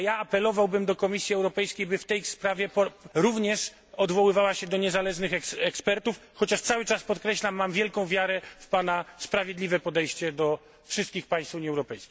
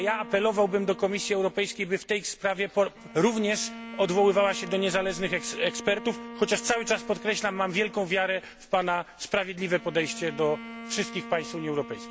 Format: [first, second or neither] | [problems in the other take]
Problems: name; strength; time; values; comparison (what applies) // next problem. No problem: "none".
first | background sound (Bowed string instrument); 15 dB below the speech